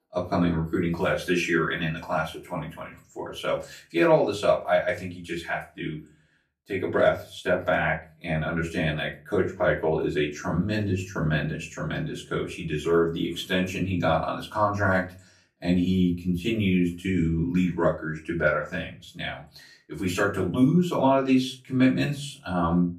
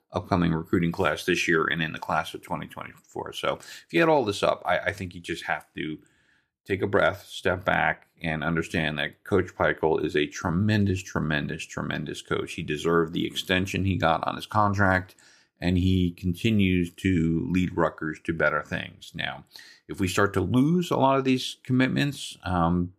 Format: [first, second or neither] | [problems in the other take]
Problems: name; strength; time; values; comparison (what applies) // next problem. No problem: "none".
second | off-mic speech; far // room echo; very slight; dies away in 0.3 s